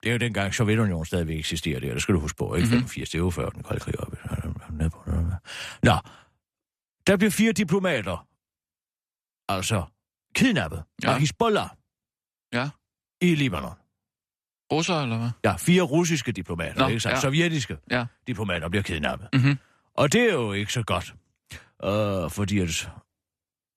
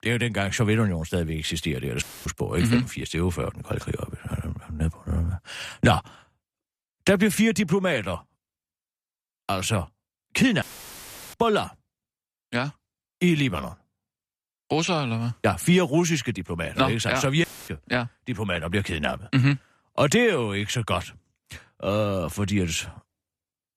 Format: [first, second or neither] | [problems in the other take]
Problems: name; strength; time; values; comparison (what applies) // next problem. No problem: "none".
first | audio cutting out; filled with static; at 2 s, at 11 s for 0.5 s and at 17 s